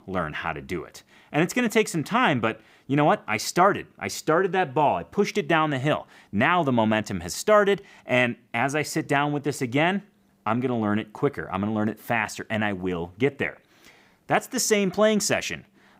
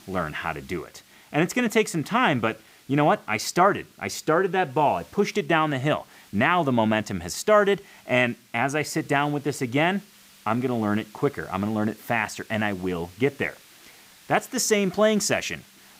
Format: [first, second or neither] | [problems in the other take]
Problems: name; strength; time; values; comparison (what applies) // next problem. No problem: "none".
first | hiss; faint; throughout; 25 dB below the speech